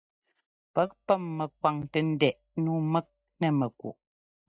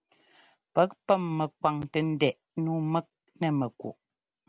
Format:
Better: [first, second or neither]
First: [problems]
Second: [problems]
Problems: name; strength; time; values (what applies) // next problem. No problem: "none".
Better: second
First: noise reduction (neural mask model DeepFilterNet 3)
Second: none